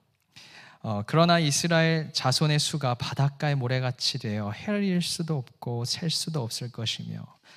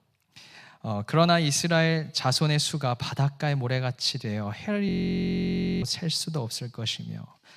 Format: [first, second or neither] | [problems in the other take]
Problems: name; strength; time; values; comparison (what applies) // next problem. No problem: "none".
first | audio freezing; at 5 s for 1 s